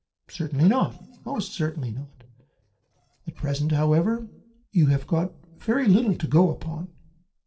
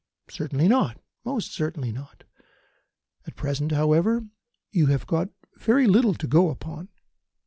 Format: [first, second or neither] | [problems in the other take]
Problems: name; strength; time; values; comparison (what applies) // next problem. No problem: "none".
second | noise reduction (neural separator model SepFormer DNS4)